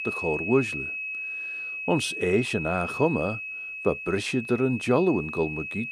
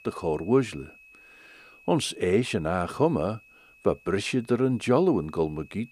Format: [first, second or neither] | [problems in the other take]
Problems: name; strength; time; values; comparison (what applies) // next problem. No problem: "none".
second | high-pitched whine; loud; throughout; 2.5 kHz, 5 dB below the speech; faint in the second